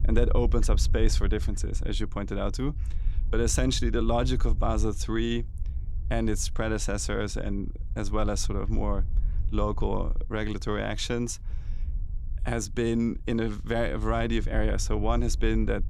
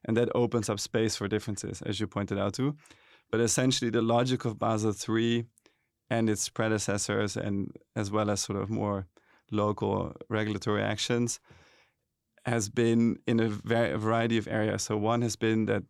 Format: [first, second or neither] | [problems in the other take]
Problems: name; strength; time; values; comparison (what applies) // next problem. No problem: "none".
second | low rumble; faint; throughout; 20 dB below the speech